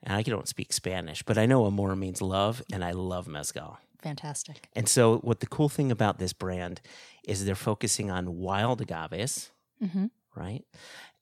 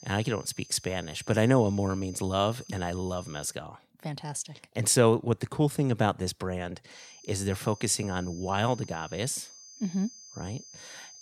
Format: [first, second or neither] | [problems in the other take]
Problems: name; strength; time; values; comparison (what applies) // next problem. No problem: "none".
first | high-pitched whine; noticeable; until 3.5 s and from 7 s on; 6 kHz, 20 dB below the speech